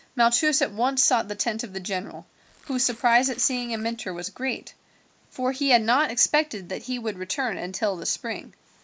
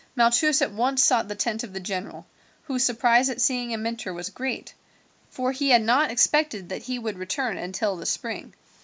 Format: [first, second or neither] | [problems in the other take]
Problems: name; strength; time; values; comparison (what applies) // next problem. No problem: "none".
second | noise reduction (neural mask model Resemble Enhance denoiser)